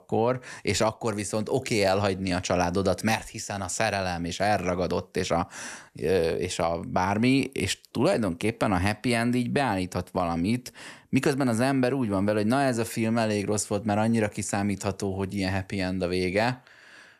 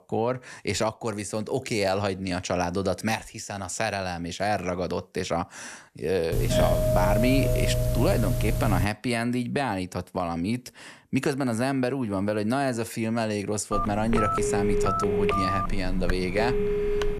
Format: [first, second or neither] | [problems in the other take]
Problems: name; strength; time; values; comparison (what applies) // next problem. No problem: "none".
first | doorbell; loud; from 6.5 to 9 s; peak 5 dB above the speech // phone ringing; loud; from 14 s on; peak 3 dB above the speech